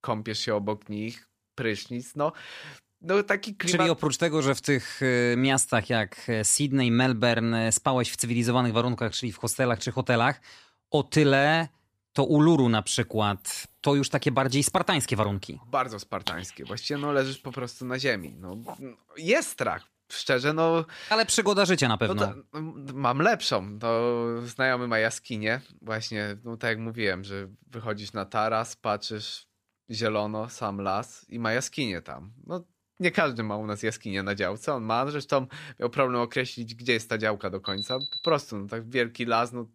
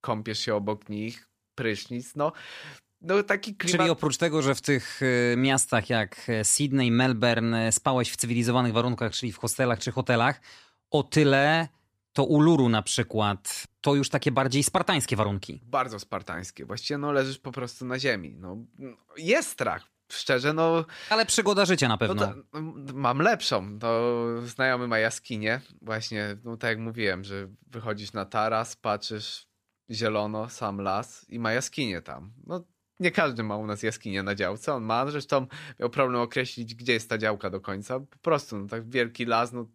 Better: second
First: dog barking; noticeable; from 15 to 19 s; peak 8 dB below the speech // alarm; noticeable; at 38 s; peak 4 dB below the speech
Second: none

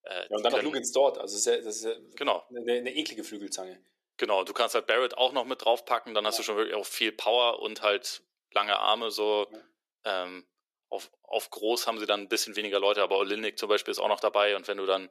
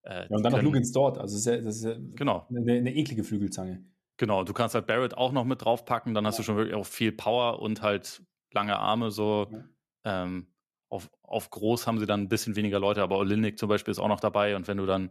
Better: second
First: thin; very; fading below 400 Hz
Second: none

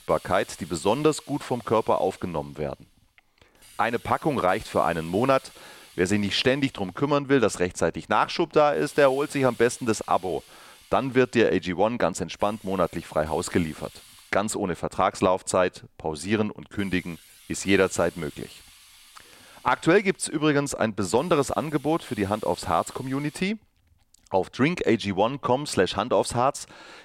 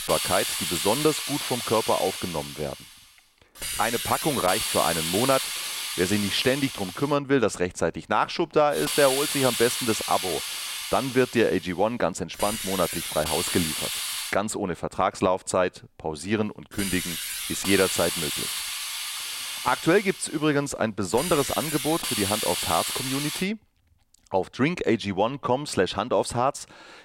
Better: first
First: hiss; faint; until 7 s, from 9 to 14 s and from 16 to 23 s; 25 dB below the speech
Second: hiss; loud; until 7 s, from 9 to 14 s and from 16 to 23 s; 3 dB below the speech

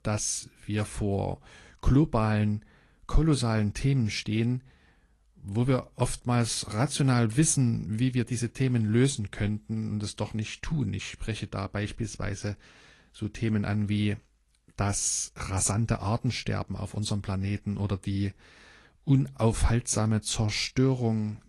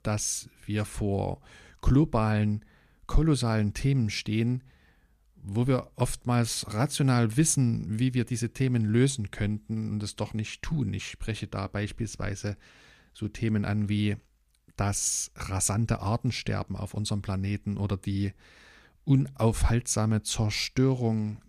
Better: second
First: garbled, watery; slightly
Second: none

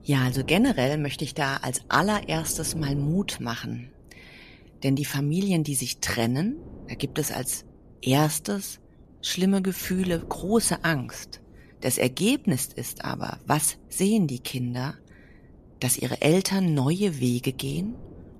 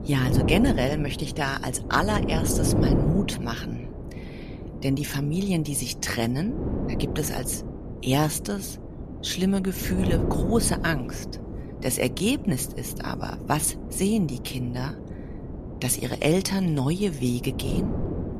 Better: first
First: wind noise on the microphone; occasional gusts; 25 dB below the speech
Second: wind noise on the microphone; heavy; 8 dB below the speech

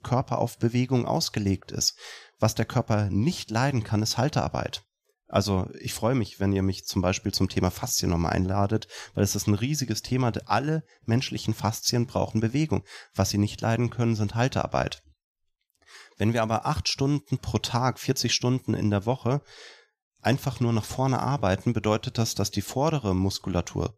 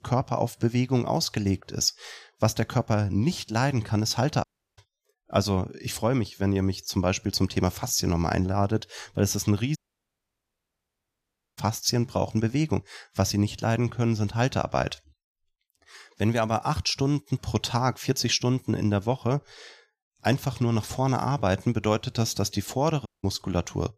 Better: first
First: none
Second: audio cutting out; at 4.5 s, at 10 s for 2 s and at 23 s

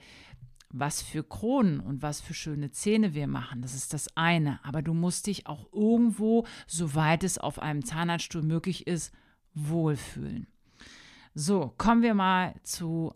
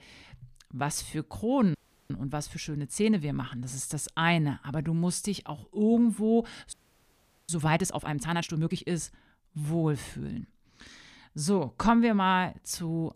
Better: first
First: none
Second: audio freezing; at 1.5 s and at 6.5 s for 1 s

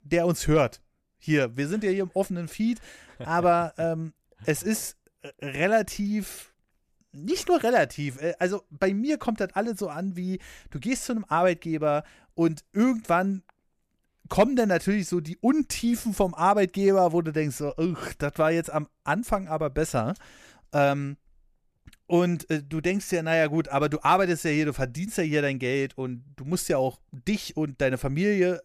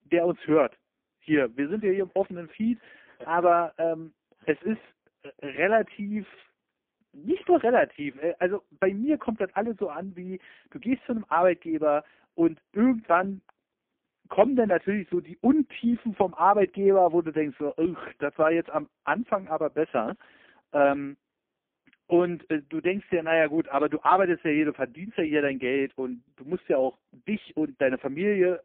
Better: first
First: none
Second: phone-call audio; poor line

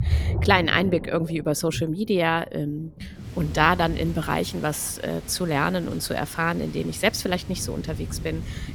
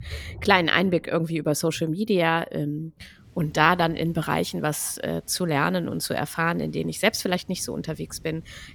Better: second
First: rain or running water; loud; throughout; 10 dB below the speech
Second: rain or running water; faint; throughout; 25 dB below the speech

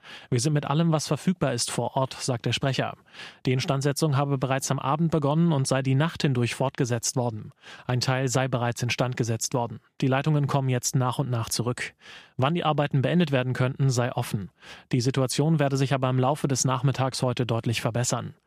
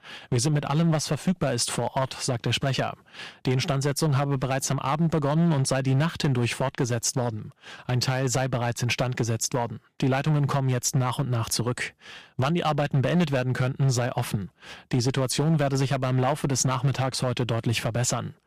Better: first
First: none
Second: distortion; slight; 6% of the sound clipped

